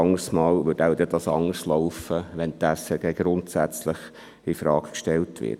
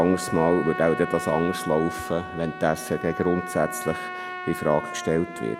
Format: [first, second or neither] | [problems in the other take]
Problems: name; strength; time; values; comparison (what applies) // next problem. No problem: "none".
first | background sound (Trumpet); 9 dB below the speech